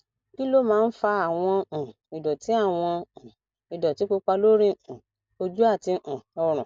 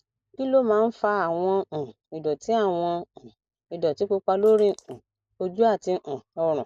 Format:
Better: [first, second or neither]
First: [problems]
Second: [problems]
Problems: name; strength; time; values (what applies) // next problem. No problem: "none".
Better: first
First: none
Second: noise reduction (neural mask model Resemble Enhance denoiser)